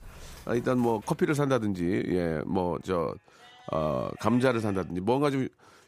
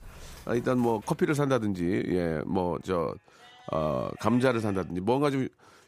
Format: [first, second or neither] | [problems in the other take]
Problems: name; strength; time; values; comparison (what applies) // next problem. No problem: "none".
neither | animal sounds; faint; throughout; 20 dB below the speech; the same in both